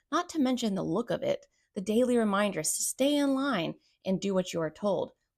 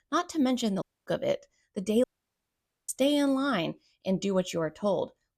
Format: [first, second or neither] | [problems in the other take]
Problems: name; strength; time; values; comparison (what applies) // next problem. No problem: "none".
first | audio cutting out; at 1 s and at 2 s for 1 s